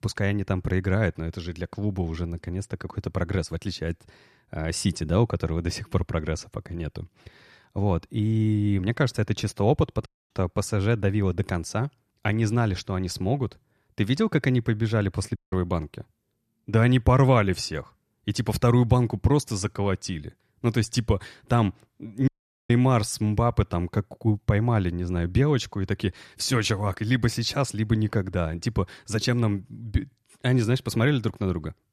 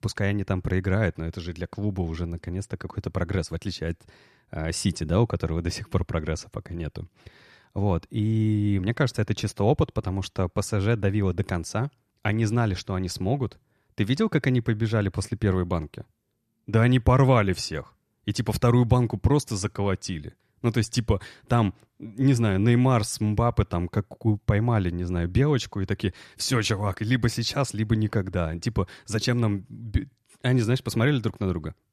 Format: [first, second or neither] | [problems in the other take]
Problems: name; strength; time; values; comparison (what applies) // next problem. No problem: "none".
second | audio cutting out; at 10 s, at 15 s and at 22 s